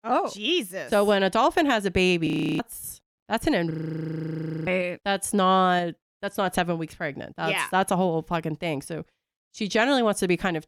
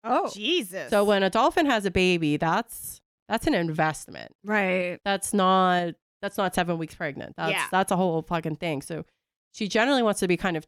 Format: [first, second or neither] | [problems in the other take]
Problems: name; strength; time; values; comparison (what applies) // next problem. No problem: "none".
second | audio freezing; at 2.5 s and at 3.5 s for 1 s